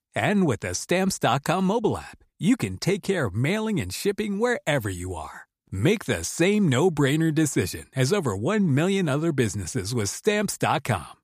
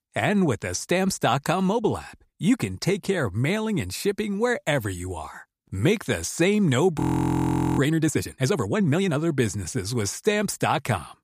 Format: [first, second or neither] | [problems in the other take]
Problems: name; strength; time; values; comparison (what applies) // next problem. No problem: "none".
first | audio freezing; at 7 s for 1 s